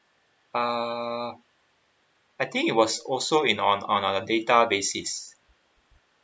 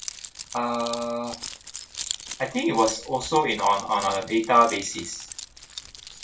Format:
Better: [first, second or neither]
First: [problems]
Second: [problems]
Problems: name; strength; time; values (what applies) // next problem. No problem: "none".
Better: first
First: none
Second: background sound (Keys jangling); 12 dB below the speech // room echo; dies away in 0.2 s